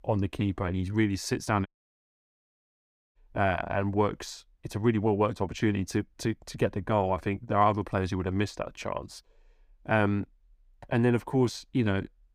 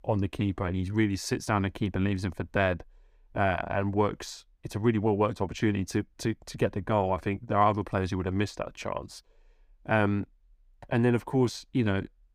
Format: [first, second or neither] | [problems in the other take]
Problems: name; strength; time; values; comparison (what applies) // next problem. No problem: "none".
second | audio cutting out; at 1.5 s for 1.5 s